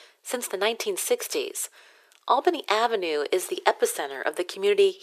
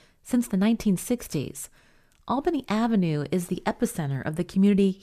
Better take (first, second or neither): second